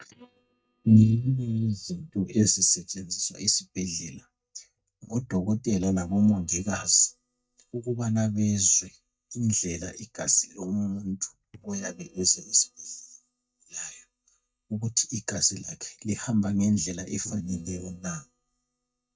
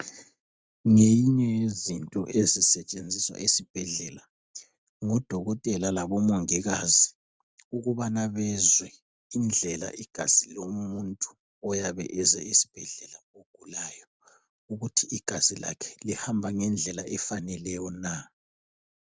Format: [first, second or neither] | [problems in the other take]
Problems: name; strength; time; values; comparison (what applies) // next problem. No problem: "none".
second | noise reduction (neural mask model DeepFilterNet 3)